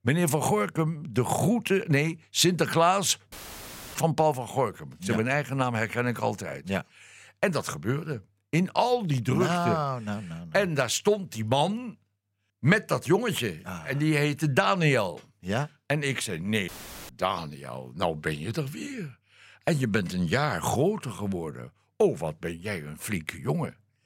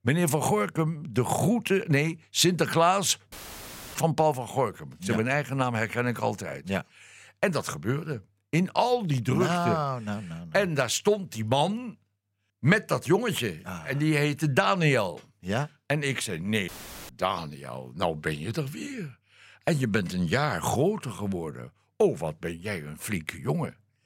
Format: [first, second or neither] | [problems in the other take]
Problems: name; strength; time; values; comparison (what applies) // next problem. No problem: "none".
neither | audio cutting out; filled with static; at 3.5 s for 0.5 s and at 17 s; the same in both